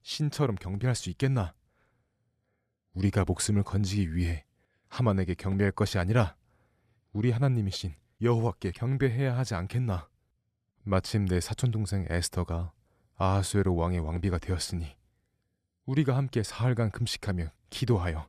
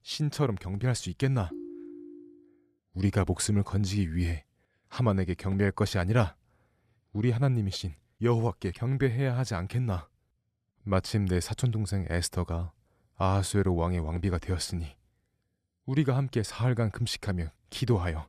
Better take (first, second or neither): first